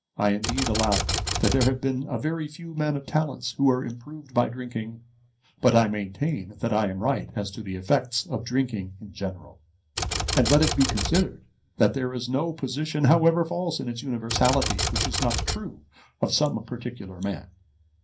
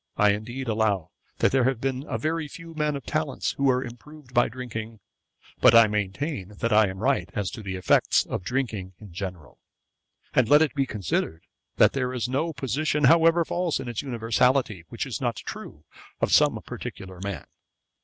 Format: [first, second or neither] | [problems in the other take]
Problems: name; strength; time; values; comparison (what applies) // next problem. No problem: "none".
second | background sound (Typewriter); 1 dB below the speech // room echo; dies away in 0.3 s